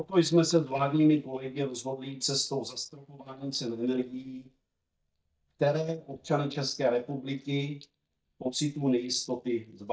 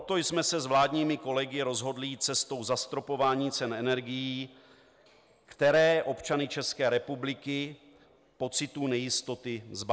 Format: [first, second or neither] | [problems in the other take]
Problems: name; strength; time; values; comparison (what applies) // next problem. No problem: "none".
second | noise reduction (neural mask model DeepFilterNet 3)